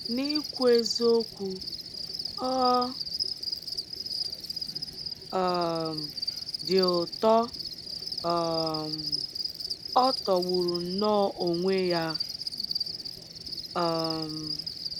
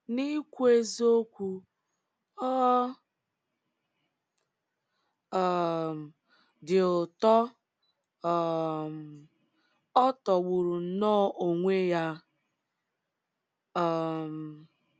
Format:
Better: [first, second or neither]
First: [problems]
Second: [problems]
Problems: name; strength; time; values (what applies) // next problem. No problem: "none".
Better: second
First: background sound (Cricket); 6 dB below the speech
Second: none